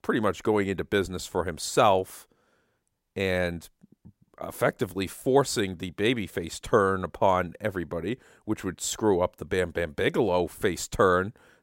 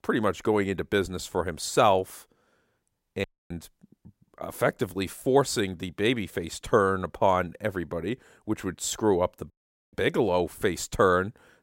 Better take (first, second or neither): first